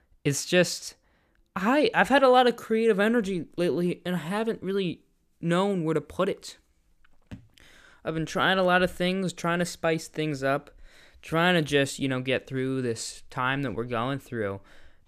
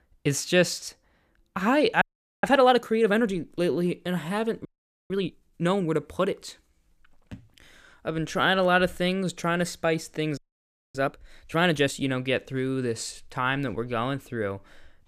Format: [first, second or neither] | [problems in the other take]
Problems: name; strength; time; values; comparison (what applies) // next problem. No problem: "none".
first | audio freezing; at 2 s, at 4.5 s and at 10 s for 0.5 s